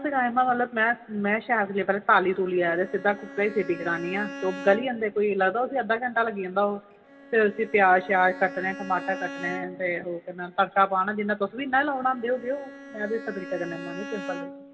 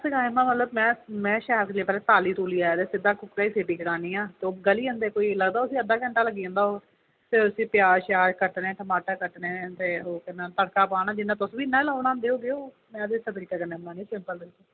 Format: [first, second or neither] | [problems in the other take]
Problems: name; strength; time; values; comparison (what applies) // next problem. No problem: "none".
second | background sound (Bowed string instrument); 16 dB below the speech // room echo; dies away in 1.9 s